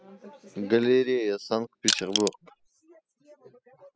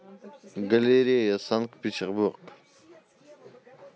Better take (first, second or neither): second